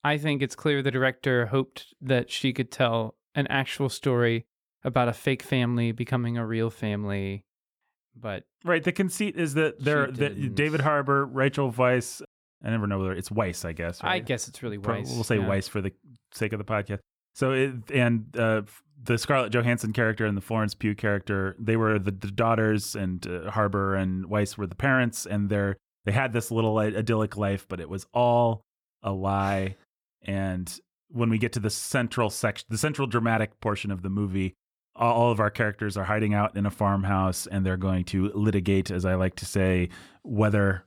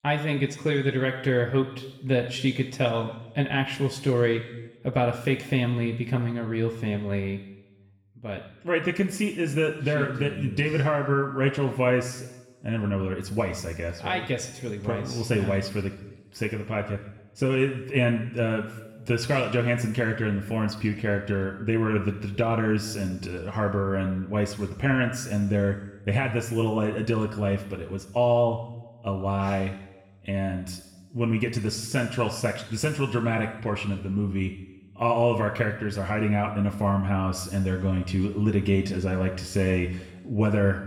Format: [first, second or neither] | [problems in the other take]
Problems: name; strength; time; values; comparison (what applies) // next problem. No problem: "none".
first | room echo; noticeable; dies away in 0.9 s // off-mic speech; somewhat distant